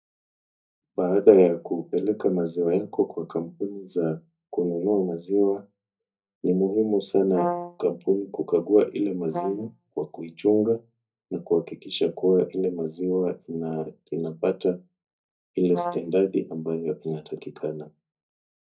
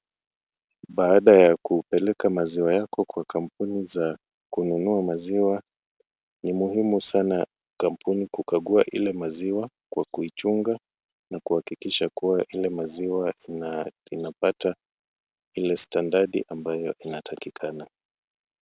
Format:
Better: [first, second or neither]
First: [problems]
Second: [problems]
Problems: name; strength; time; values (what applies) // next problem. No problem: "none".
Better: second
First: noise reduction (neural mask model DeepFilterNet 3)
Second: none